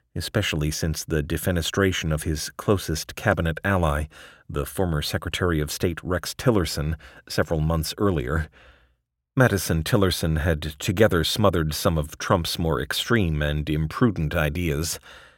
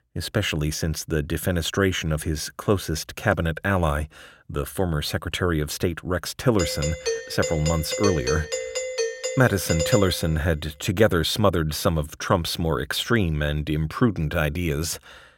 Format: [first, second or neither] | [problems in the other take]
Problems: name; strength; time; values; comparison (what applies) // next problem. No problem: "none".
first | doorbell; noticeable; from 6.5 to 10 s; peak 1 dB below the speech